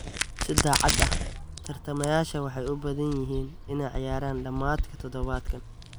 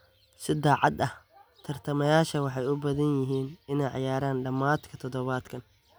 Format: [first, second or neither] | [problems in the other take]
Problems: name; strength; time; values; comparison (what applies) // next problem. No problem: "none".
second | background sound (Crack); 1 dB below the speech